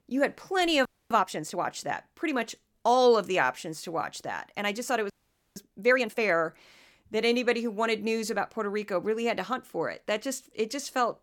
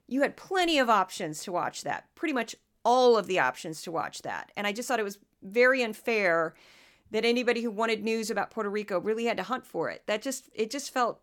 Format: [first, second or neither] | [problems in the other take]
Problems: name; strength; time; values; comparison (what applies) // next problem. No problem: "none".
second | audio freezing; at 1 s and at 5 s